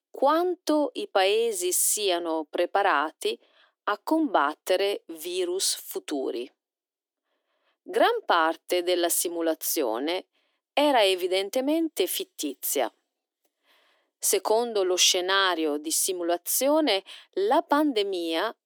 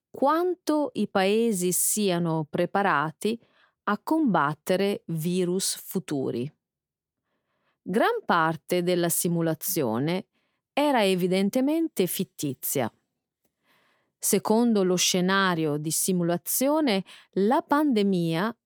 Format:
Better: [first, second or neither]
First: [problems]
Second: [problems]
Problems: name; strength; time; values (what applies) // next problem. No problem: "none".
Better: second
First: thin; somewhat; fading below 300 Hz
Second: none